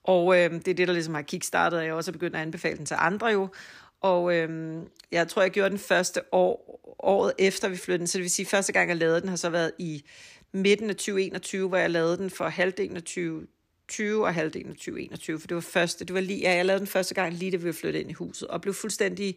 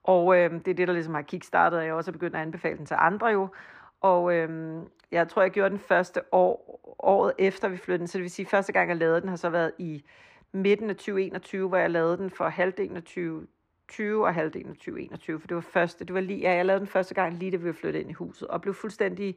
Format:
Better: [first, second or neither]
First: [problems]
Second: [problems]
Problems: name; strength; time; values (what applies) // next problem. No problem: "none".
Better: first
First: none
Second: muffled; very; fading above 3.5 kHz